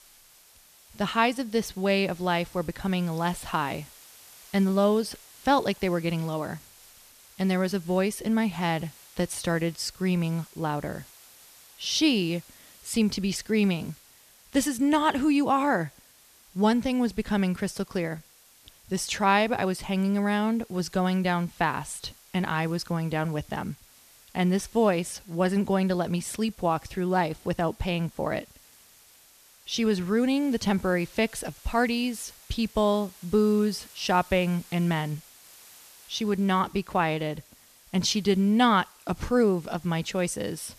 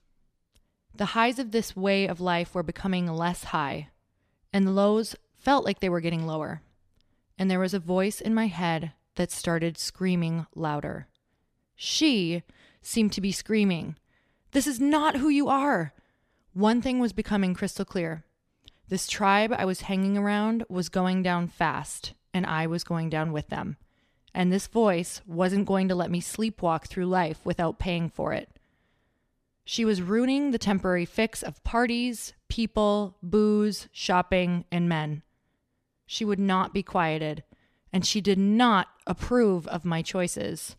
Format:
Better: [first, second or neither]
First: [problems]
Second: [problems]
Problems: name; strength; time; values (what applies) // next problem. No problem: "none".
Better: second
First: hiss; faint; throughout; 25 dB below the speech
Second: none